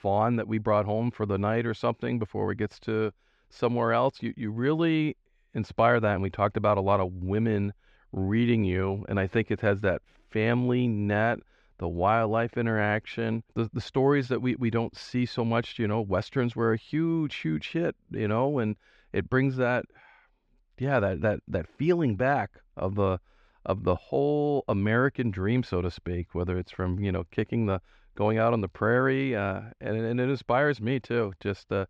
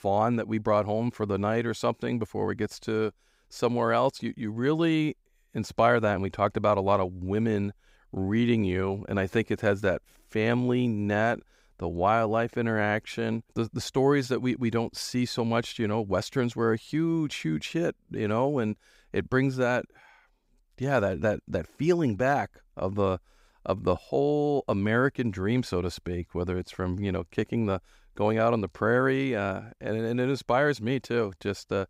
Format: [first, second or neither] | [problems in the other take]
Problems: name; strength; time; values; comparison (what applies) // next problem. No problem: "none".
second | muffled; very slightly; fading above 3 kHz